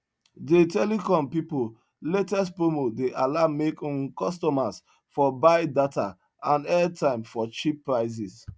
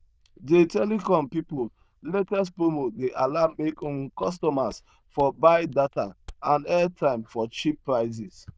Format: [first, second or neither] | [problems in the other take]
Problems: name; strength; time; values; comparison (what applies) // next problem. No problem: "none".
first | noise reduction (neural diffusion model UNIVERSE++)